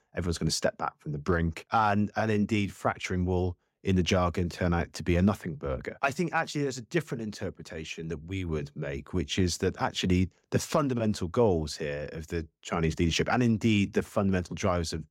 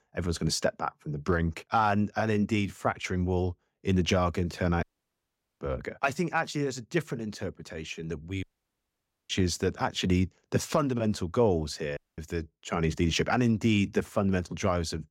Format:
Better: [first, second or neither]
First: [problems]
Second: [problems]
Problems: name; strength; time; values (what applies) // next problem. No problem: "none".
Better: first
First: none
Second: audio cutting out; at 5 s for 1 s, at 8.5 s for 1 s and at 12 s